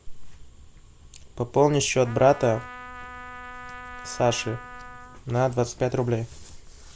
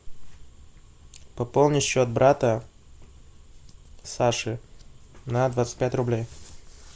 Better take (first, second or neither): second